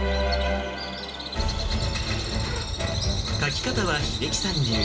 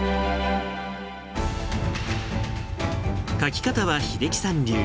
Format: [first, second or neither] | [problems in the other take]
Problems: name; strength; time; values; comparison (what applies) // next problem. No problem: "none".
second | background sound (Bird vocalization, bird call, bird song); 7 dB below the speech // room echo; dies away in 0.2 s